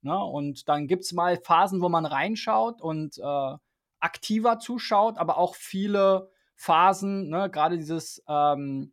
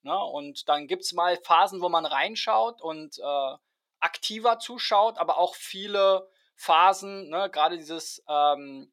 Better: first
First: none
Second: thin; somewhat; fading below 500 Hz

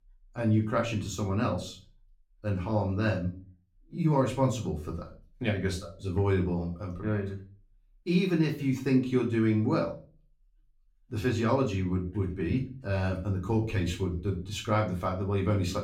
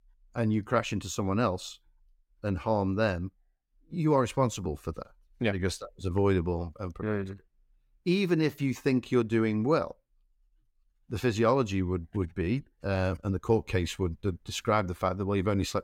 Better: second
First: room echo; slight; dies away in 0.3 s // off-mic speech; far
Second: none

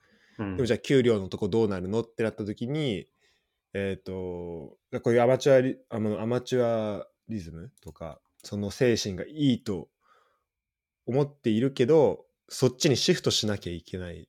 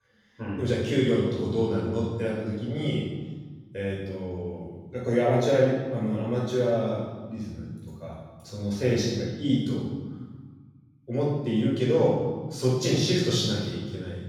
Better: first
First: none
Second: room echo; strong; dies away in 1.4 s // off-mic speech; far

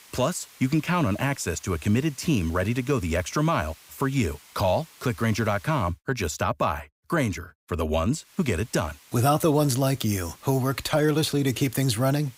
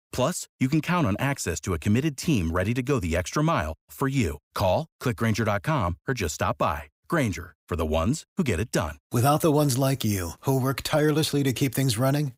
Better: second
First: hiss; faint; until 6 s and from 8.5 s on; 25 dB below the speech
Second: none

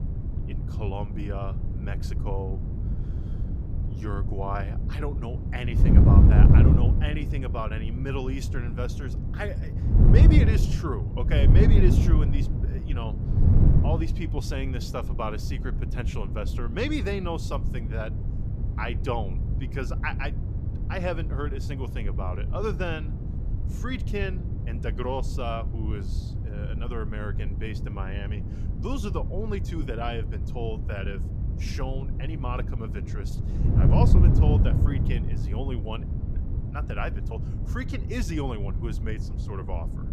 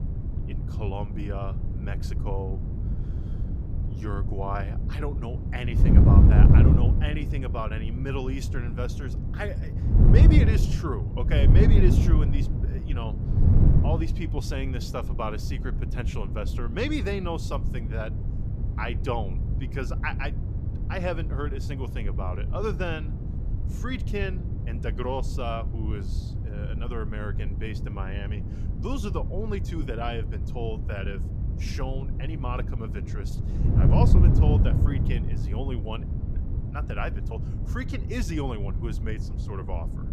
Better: neither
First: wind noise on the microphone; heavy; 4 dB below the speech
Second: wind noise on the microphone; heavy; 4 dB below the speech

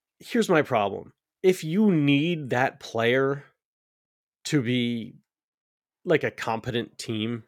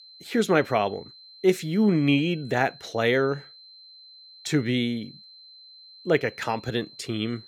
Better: first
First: none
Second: high-pitched whine; faint; throughout; 4 kHz, 20 dB below the speech

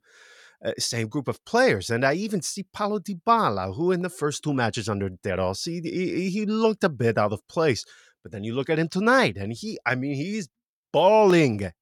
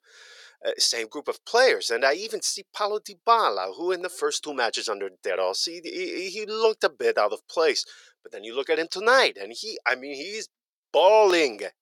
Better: first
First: none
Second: thin; very; fading below 400 Hz

